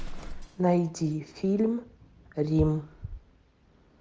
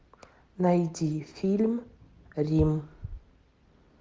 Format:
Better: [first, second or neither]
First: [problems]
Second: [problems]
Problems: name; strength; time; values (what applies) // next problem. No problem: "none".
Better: second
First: background sound (Explosion); 14 dB below the speech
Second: none